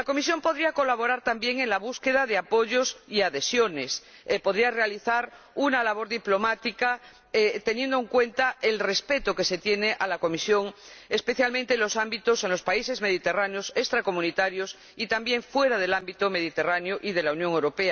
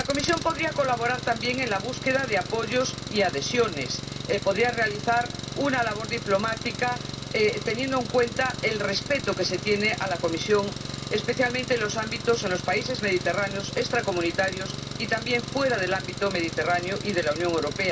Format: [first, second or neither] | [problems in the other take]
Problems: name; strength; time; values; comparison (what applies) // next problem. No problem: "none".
first | background sound (Engine); 8 dB below the speech // room echo; dies away in 0.4 s